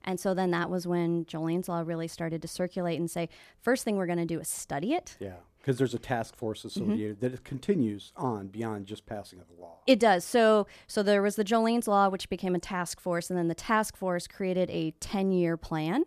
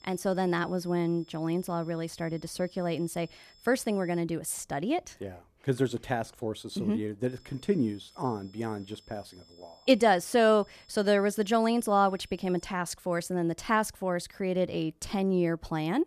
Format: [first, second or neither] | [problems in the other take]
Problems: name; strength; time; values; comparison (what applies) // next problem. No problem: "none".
first | high-pitched whine; faint; until 4 s and from 7.5 to 13 s; 5 kHz, 30 dB below the speech